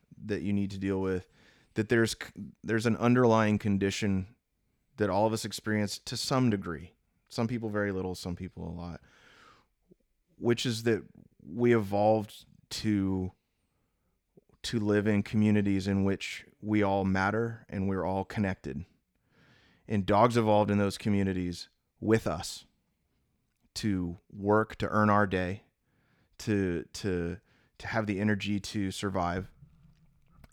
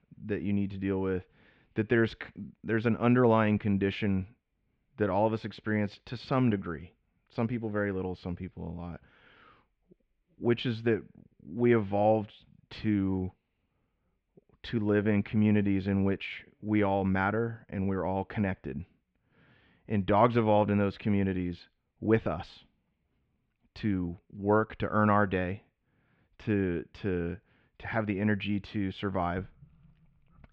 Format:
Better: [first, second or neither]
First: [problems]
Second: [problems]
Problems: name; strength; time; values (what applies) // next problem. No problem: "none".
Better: first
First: none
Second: muffled; very; fading above 3 kHz